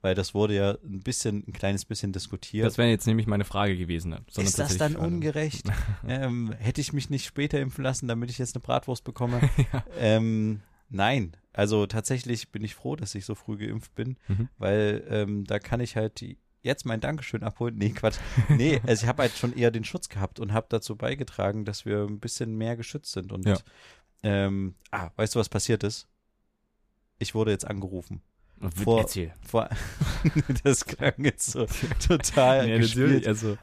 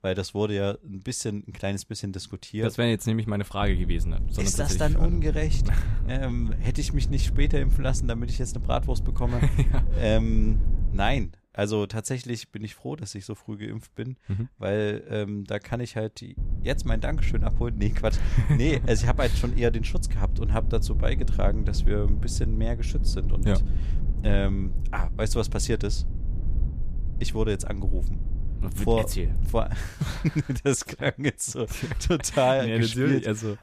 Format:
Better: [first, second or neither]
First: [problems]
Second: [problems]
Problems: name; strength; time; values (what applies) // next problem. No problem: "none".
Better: first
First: none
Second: low rumble; noticeable; from 3.5 to 11 s and from 16 to 30 s; 15 dB below the speech